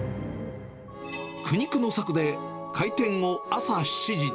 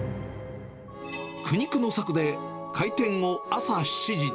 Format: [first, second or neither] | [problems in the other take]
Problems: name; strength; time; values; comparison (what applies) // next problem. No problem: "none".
second | background sound (Organ); 8 dB below the speech